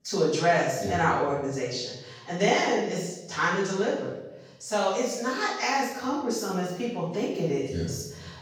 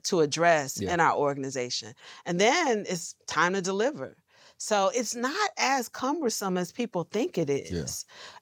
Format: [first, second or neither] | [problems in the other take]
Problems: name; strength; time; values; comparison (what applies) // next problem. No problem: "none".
second | off-mic speech; far // room echo; strong; dies away in 1.1 s